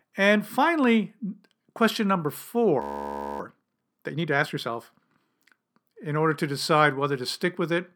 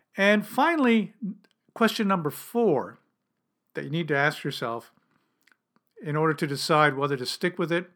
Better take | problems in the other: second | audio freezing; at 3 s for 0.5 s

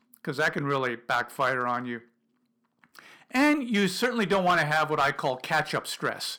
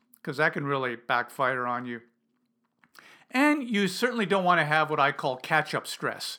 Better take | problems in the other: second | distortion; slight; 3% of the sound clipped

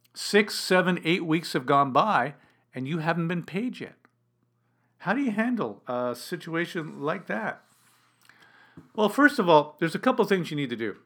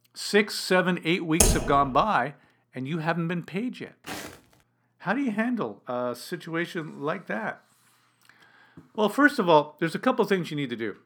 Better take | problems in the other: first | keyboard typing; loud; at 1.5 s; peak 4 dB above the speech // footsteps; faint; at 4 s; peak 10 dB below the speech

